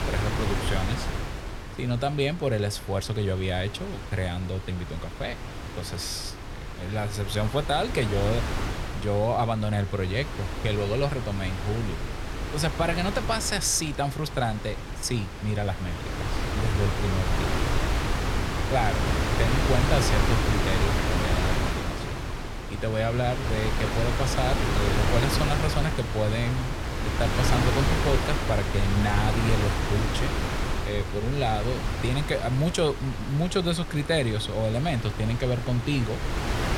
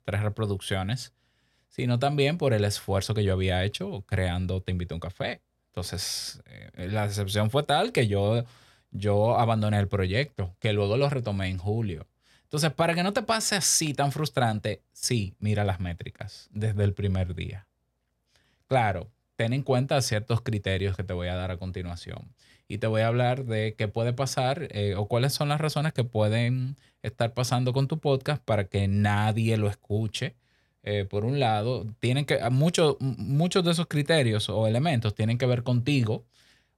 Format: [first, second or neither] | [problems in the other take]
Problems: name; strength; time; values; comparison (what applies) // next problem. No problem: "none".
second | wind noise on the microphone; heavy; 2 dB below the speech